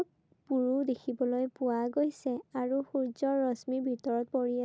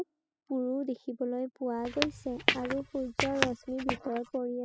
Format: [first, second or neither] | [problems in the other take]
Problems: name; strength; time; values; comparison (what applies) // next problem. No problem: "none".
first | noise reduction (classical method spectral subtraction)